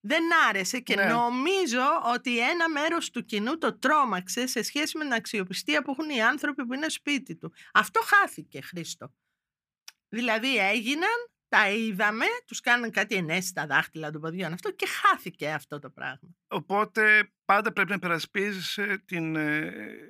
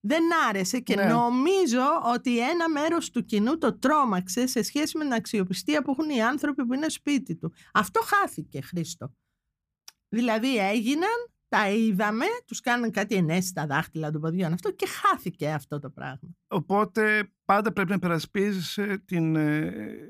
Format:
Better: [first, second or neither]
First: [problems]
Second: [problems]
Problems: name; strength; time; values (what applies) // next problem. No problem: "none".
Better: second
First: thin; very slightly; fading below 350 Hz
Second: none